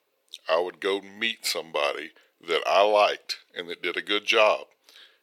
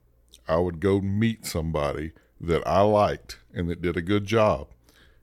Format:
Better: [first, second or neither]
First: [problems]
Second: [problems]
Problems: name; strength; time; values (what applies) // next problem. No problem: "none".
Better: second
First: thin; very; fading below 450 Hz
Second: none